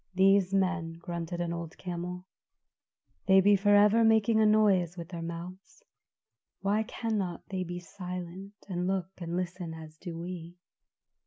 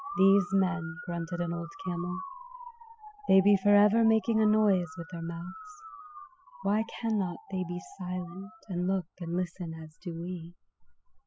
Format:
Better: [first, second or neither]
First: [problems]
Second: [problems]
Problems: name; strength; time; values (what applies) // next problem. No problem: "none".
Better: first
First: none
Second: noise reduction (classical method spectral subtraction)